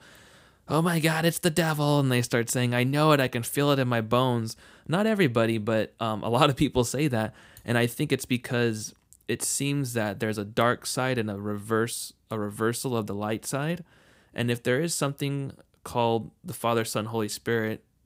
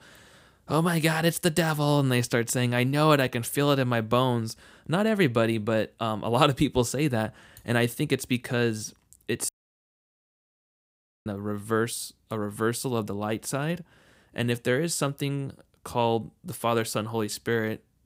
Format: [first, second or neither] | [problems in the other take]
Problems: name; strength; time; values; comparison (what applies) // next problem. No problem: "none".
first | audio cutting out; at 9.5 s for 2 s